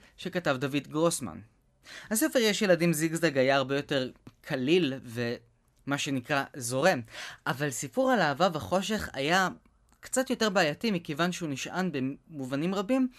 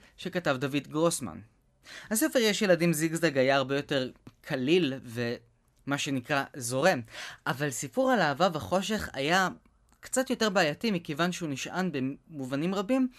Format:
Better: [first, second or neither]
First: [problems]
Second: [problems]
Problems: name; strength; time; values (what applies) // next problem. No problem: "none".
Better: neither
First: none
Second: none